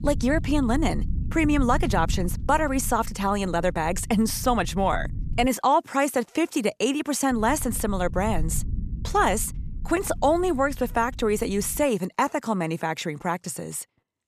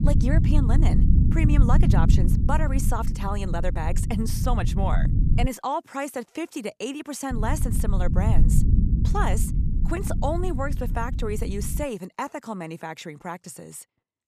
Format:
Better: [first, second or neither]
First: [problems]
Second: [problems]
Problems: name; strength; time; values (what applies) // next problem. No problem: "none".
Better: first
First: low rumble; faint; until 5.5 s and from 7.5 to 12 s; 25 dB below the speech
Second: low rumble; loud; until 5.5 s and from 7.5 to 12 s; 6 dB below the speech